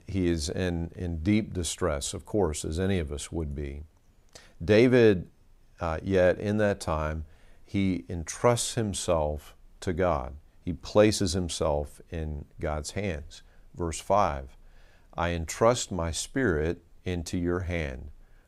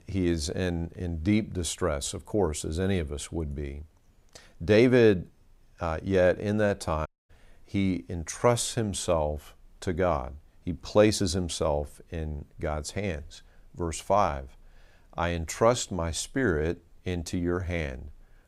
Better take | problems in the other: first | audio cutting out; at 7 s

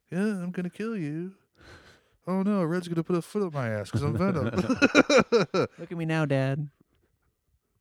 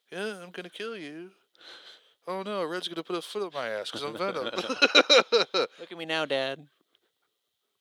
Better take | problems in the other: first | thin; somewhat; fading below 500 Hz

